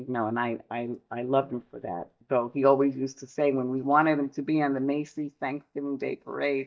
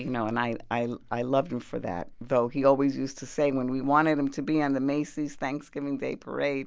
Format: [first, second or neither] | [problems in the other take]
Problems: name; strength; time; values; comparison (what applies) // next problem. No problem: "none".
second | noise reduction (neural mask model DeepFilterNet 3)